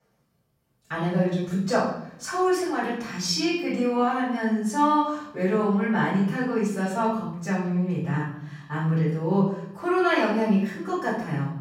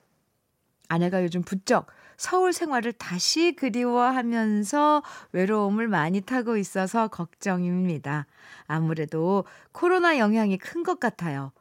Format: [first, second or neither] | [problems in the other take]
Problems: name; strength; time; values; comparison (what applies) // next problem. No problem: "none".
second | off-mic speech; far // room echo; noticeable; dies away in 0.8 s